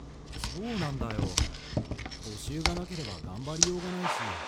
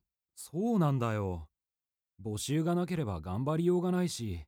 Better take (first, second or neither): second